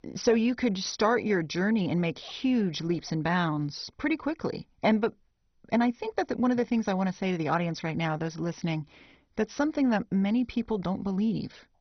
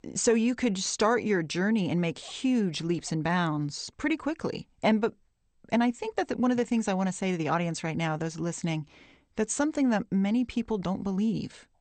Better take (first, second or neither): second